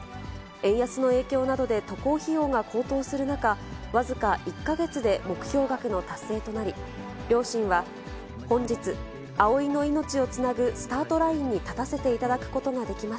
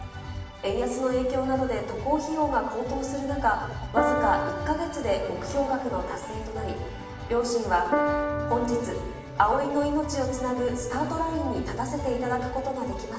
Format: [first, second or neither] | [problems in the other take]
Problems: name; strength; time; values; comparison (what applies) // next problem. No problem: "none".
first | background sound (Piano); 5 dB below the speech // room echo; dies away in 1 s